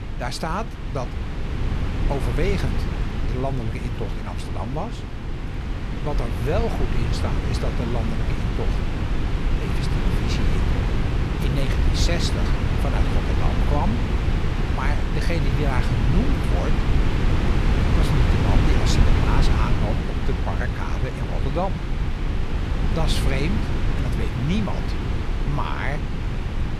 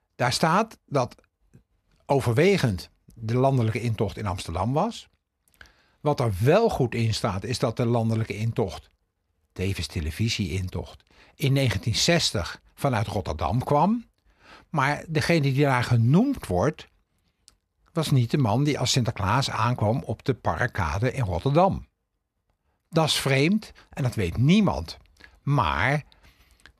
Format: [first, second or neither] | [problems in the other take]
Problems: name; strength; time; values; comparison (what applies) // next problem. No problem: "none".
second | wind noise on the microphone; heavy; as loud as the speech